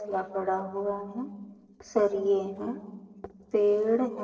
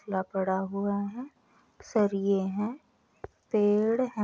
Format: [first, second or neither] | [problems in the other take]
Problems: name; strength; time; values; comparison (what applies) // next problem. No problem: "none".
second | noise reduction (neural separator model SepFormer DNS4)